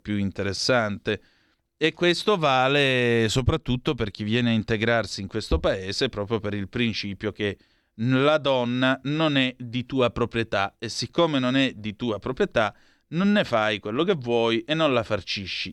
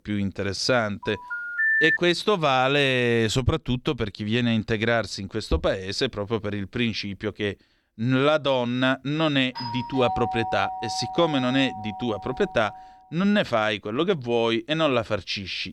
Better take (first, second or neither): first